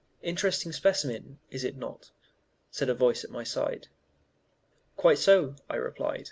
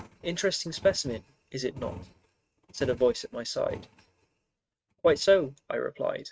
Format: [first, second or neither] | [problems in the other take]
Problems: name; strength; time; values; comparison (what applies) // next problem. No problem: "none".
first | noise reduction (neural mask model RNNoise)